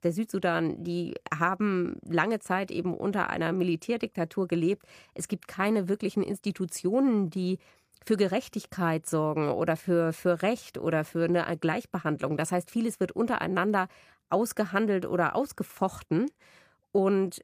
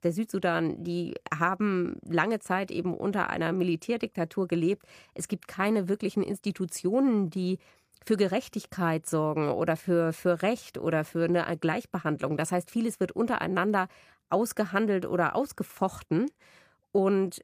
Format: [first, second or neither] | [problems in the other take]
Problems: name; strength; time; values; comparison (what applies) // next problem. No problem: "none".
neither | none